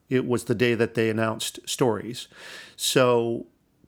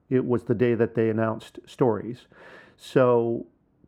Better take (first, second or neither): first